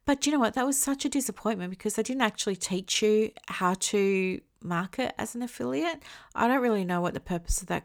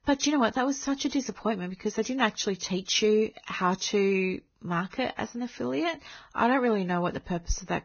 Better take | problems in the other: first | garbled, watery; badly; nothing above 6.5 kHz

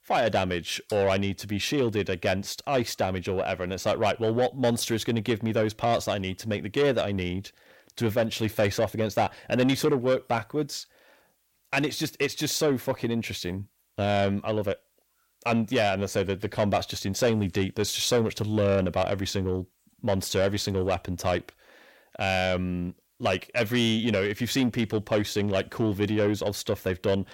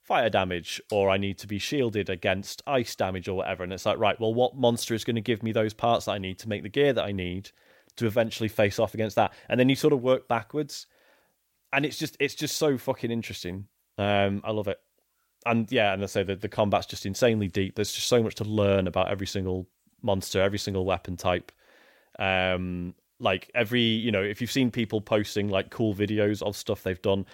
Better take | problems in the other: second | distortion; slight; 10 dB below the speech

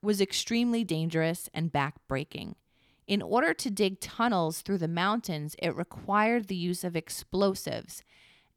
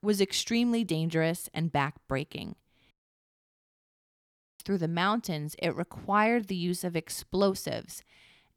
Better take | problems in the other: first | audio cutting out; at 3 s for 1.5 s

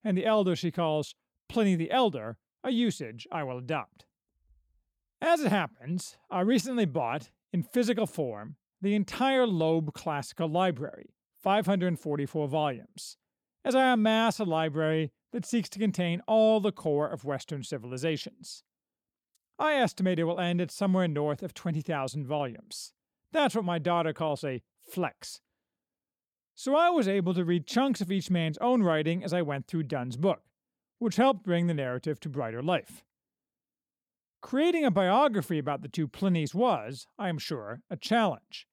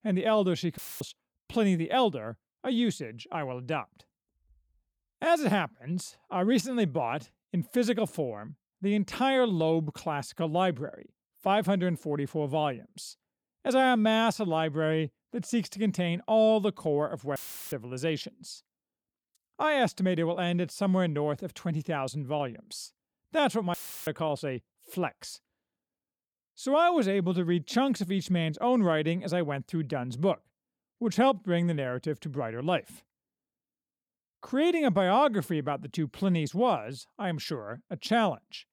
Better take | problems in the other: first | audio cutting out; filled with static; at 1 s, at 17 s and at 24 s

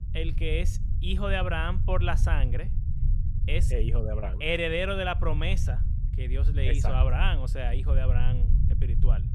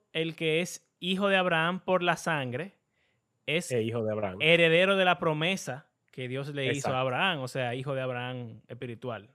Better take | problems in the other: second | low rumble; noticeable; throughout; 15 dB below the speech

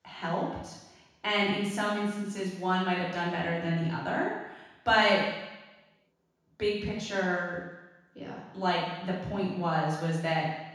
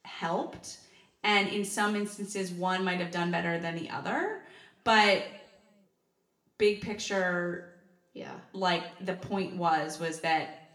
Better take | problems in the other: second | room echo; strong; dies away in 1.1 s; slight in the second // off-mic speech; far; somewhat distant in the second

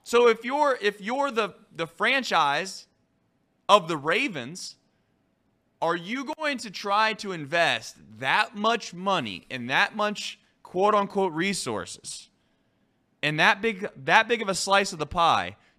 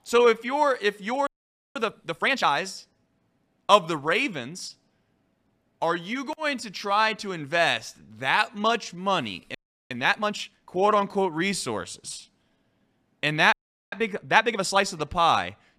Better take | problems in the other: first | audio freezing; at 1.5 s, at 9.5 s and at 14 s

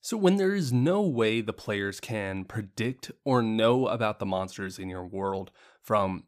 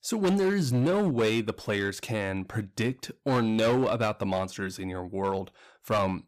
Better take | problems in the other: first | distortion; slight; 9% of the sound clipped

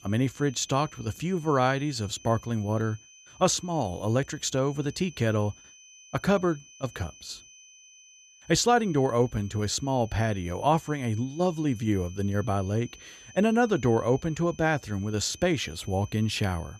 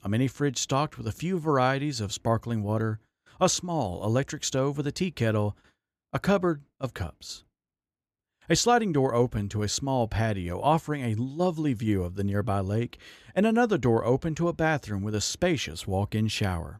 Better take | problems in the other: second | high-pitched whine; faint; throughout; 6 kHz, 20 dB below the speech

